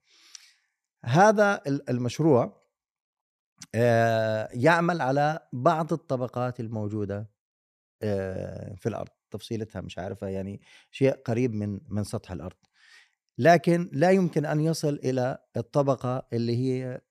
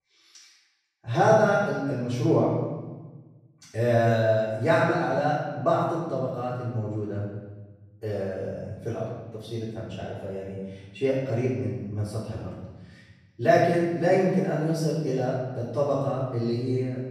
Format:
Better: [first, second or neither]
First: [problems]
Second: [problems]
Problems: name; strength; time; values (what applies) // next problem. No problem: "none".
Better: first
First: none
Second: off-mic speech; far // room echo; strong; dies away in 1.2 s